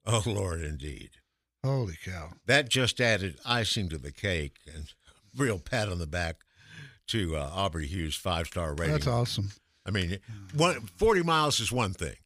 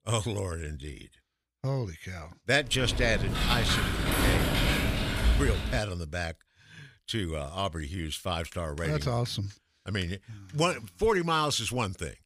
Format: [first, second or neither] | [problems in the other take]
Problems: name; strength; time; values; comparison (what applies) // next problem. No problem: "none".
first | keyboard typing; loud; from 2.5 to 6 s; peak 5 dB above the speech